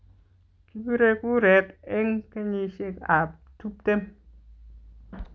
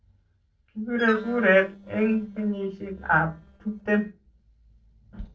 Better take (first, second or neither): first